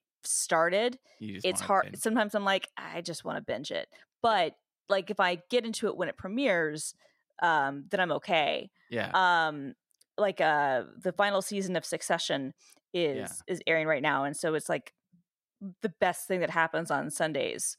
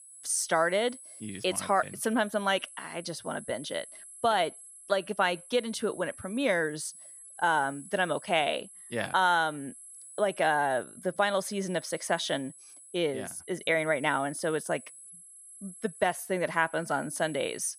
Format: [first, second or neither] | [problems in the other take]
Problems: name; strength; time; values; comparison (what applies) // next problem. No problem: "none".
first | high-pitched whine; noticeable; throughout; 11 kHz, 15 dB below the speech